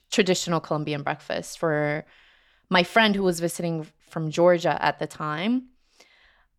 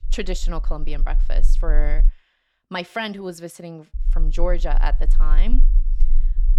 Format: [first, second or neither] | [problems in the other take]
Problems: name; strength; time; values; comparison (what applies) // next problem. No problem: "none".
first | low rumble; faint; until 2 s and from 4 s on; 20 dB below the speech